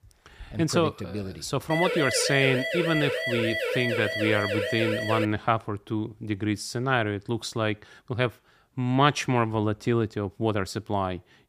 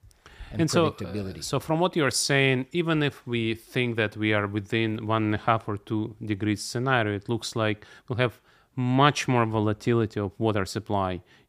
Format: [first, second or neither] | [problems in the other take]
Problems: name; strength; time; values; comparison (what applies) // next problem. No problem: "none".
second | siren; noticeable; from 1.5 to 5.5 s; peak level with the speech